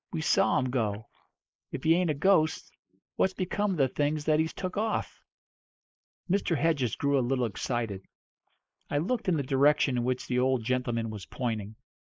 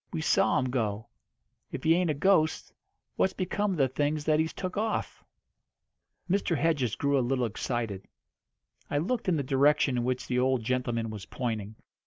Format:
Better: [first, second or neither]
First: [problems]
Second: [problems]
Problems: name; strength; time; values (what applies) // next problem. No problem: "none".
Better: second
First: noise reduction (neural mask model Resemble Enhance denoiser)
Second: none